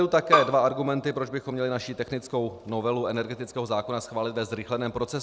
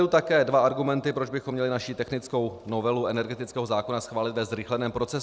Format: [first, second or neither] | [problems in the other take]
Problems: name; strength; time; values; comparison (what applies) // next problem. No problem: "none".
second | background sound (Bowed string instrument); 2 dB above the speech